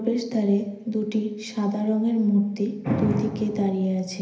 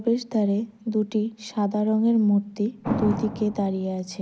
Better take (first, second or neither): second